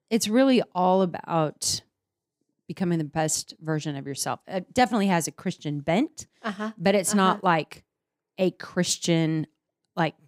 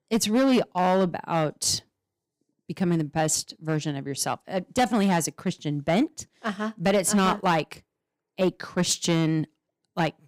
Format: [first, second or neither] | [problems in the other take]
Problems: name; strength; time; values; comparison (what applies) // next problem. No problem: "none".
first | distortion; slight; 4% of the sound clipped